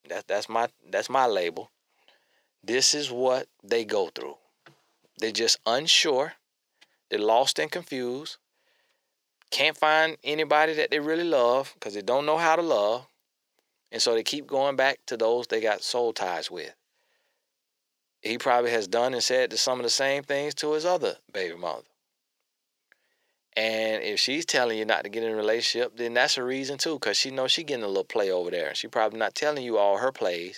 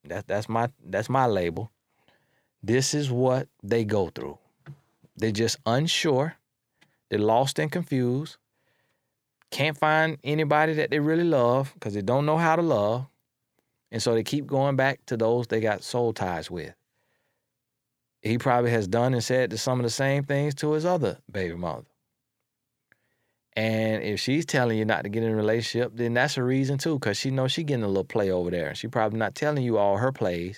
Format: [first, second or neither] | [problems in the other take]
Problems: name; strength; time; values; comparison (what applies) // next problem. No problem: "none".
second | thin; somewhat; fading below 450 Hz